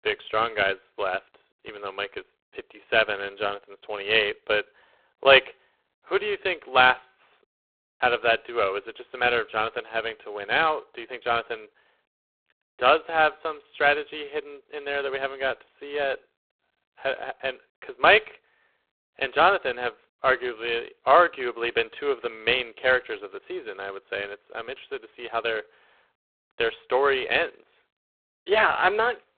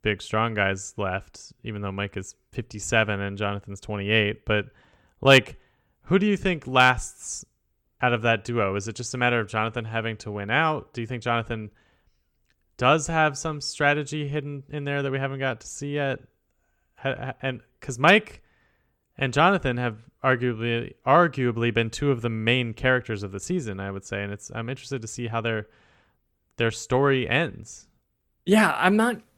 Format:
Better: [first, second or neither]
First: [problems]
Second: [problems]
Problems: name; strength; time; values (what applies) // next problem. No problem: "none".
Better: second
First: phone-call audio; poor line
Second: none